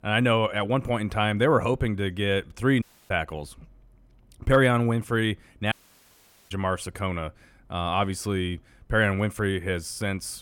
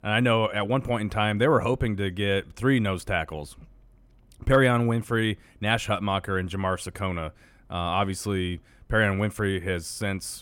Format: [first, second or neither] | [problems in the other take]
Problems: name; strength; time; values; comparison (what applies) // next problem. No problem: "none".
second | audio cutting out; at 3 s and at 5.5 s for 1 s